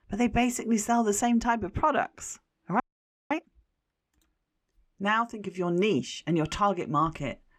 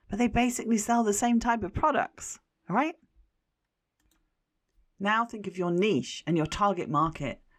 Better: second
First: audio freezing; at 3 s for 0.5 s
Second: none

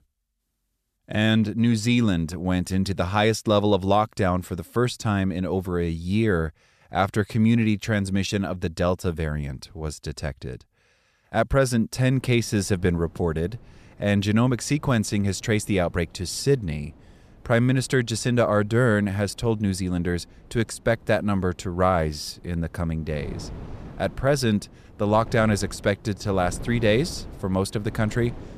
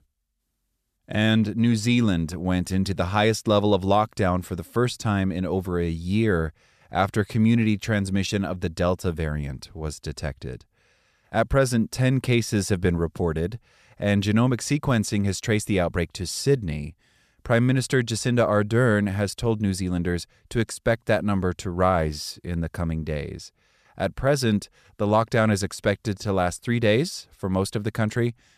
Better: second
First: wind noise on the microphone; occasional gusts; from 12 s on; 25 dB below the speech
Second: none

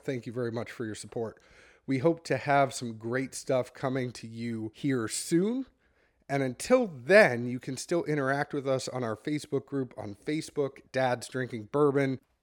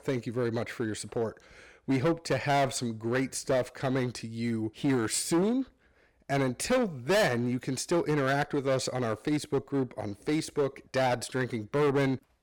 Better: first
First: none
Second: distortion; heavy; 9% of the sound clipped

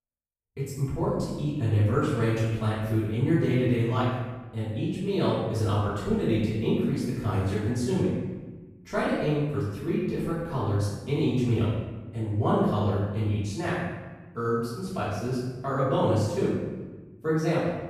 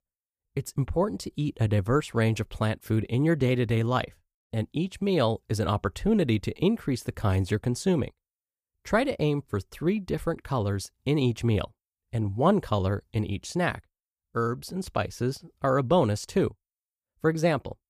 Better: second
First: off-mic speech; far // room echo; strong; dies away in 1.1 s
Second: none

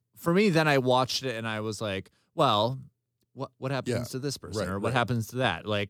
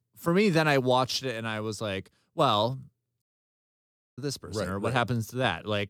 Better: first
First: none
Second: audio cutting out; at 3 s for 1 s

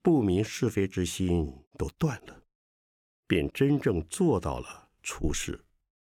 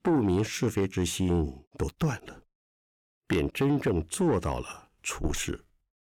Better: first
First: none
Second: distortion; slight; 10 dB below the speech

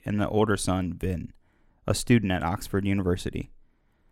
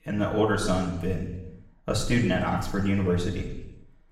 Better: first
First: none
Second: room echo; noticeable; dies away in 1 s // off-mic speech; far

